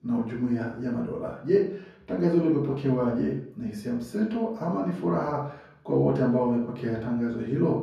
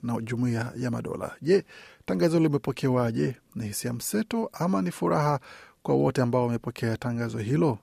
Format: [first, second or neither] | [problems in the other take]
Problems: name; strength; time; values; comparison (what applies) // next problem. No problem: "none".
second | room echo; noticeable; dies away in 0.6 s // off-mic speech; far